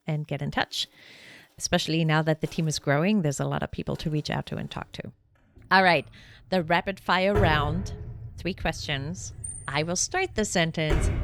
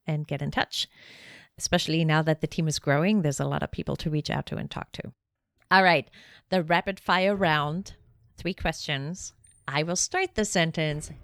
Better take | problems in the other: second | household noises; loud; throughout; 8 dB below the speech; faint in the second

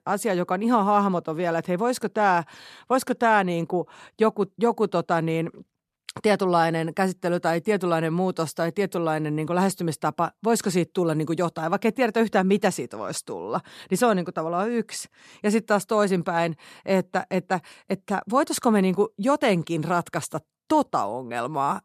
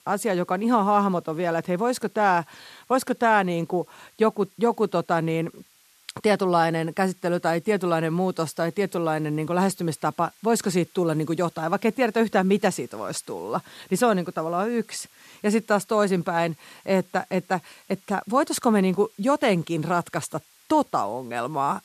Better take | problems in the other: first | hiss; faint; throughout; 30 dB below the speech

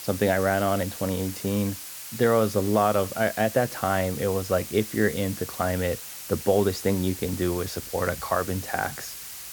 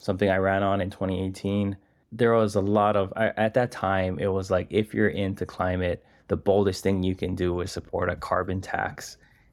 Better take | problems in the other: second | hiss; loud; throughout; 10 dB below the speech

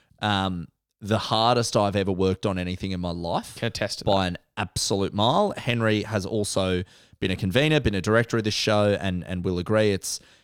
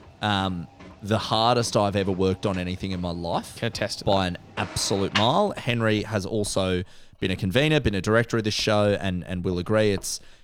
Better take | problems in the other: first | household noises; noticeable; throughout; 15 dB below the speech

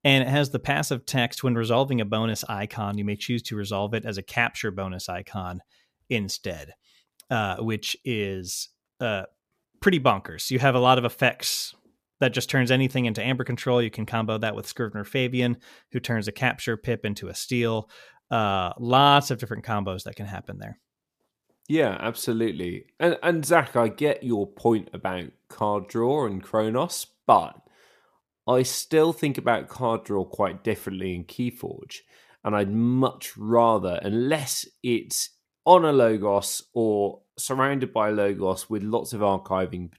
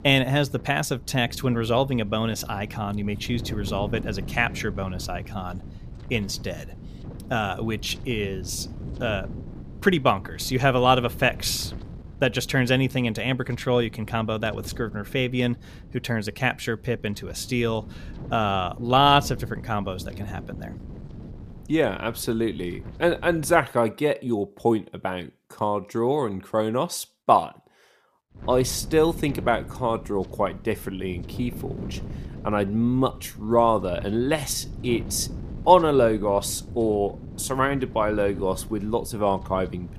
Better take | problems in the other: first | wind noise on the microphone; occasional gusts; until 24 s and from 28 s on; 20 dB below the speech

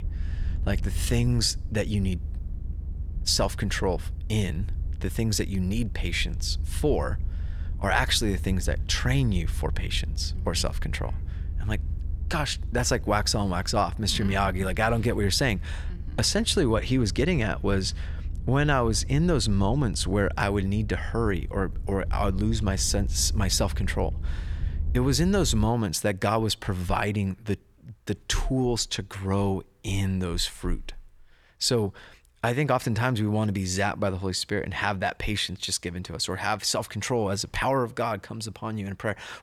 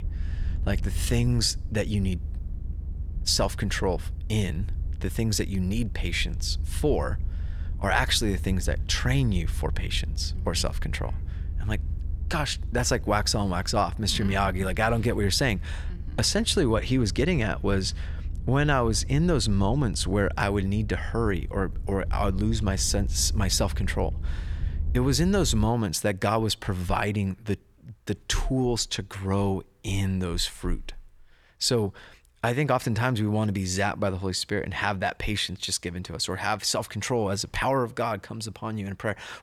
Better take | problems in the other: neither | low rumble; faint; until 26 s; 25 dB below the speech; the same in both

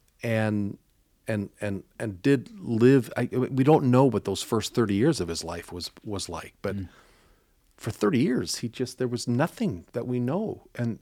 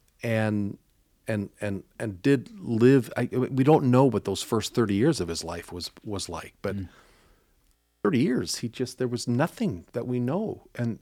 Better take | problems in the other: first | audio freezing; at 8 s

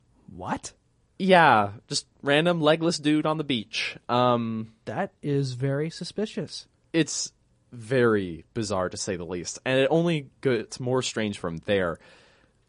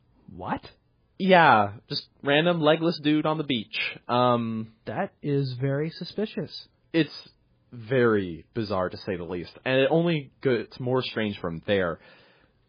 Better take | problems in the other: first | garbled, watery; badly; nothing above 5 kHz; slightly in the first

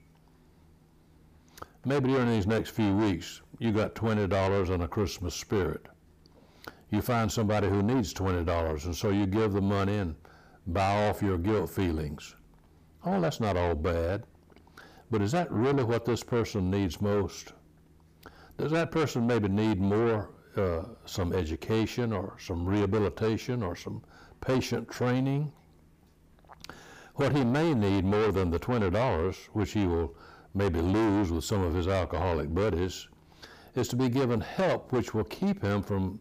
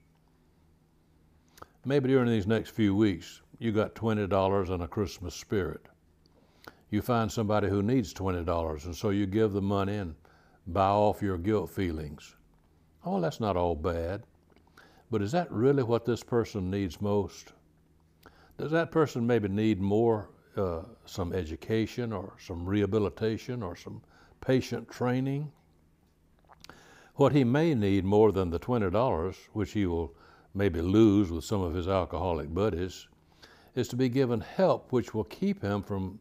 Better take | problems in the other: second | distortion; heavy; 7 dB below the speech

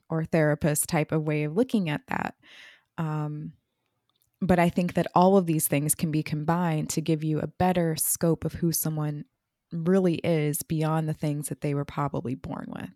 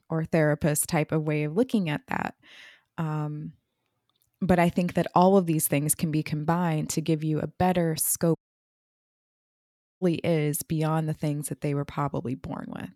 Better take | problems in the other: first | audio cutting out; at 8.5 s for 1.5 s

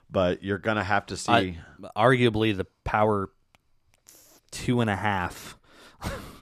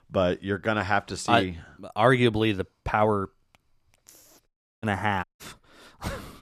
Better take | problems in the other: first | audio cutting out; at 4.5 s and at 5 s

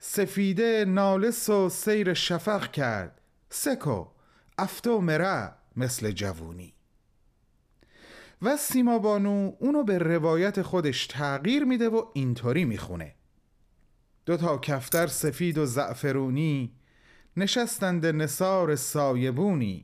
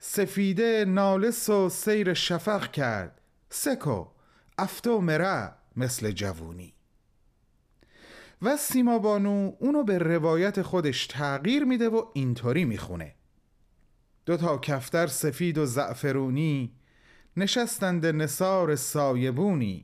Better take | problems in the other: second | jangling keys; noticeable; at 15 s; peak 6 dB below the speech

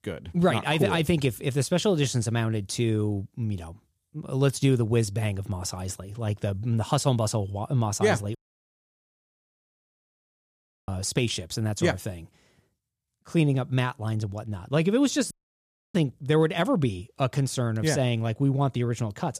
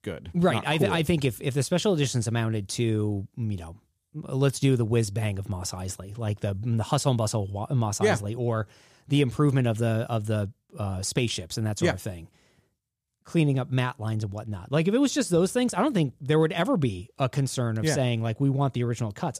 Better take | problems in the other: second | audio cutting out; at 8.5 s for 2.5 s and at 15 s for 0.5 s

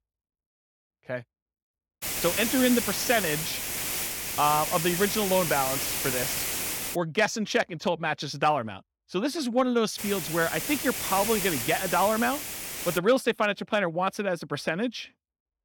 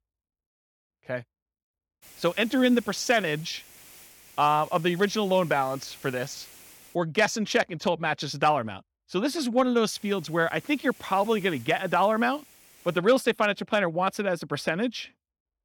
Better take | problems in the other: second | hiss; loud; from 2 to 7 s and from 10 to 13 s; 2 dB below the speech; faint in the second

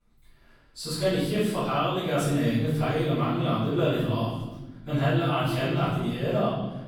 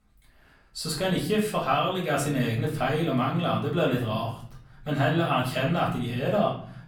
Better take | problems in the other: second | room echo; strong; dies away in 1.3 s; slight in the second // off-mic speech; far; far in the second

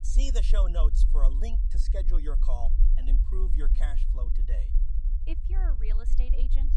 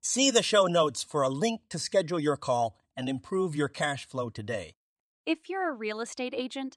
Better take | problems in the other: second | low rumble; loud; throughout; 9 dB below the speech

